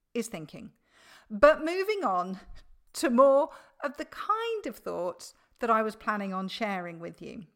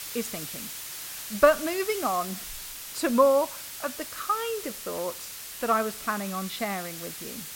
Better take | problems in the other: first | hiss; loud; throughout; 9 dB below the speech

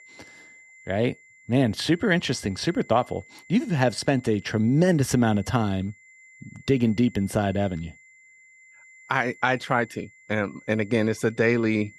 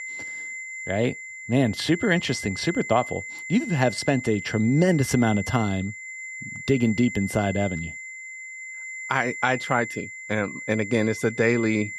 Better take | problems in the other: first | high-pitched whine; loud; throughout; 2 kHz, 10 dB below the speech; faint in the first

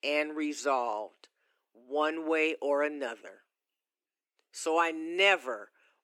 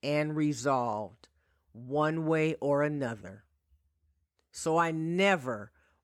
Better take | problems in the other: second | thin; somewhat; fading below 300 Hz

